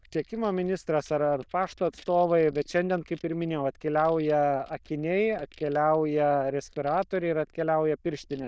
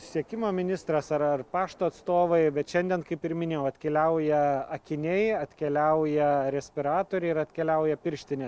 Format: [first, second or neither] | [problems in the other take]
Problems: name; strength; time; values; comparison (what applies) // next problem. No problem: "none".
second | noise reduction (neural diffusion model UNIVERSE++)